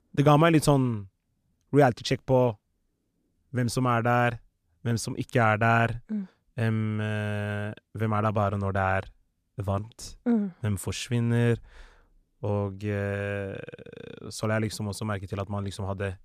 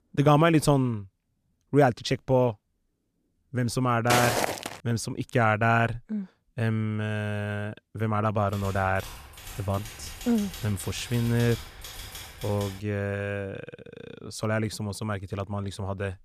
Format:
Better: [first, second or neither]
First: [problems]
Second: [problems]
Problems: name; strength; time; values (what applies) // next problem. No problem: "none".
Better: first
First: none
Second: footsteps; loud; at 4 s; peak 3 dB above the speech // keyboard typing; faint; from 8.5 to 13 s; peak 10 dB below the speech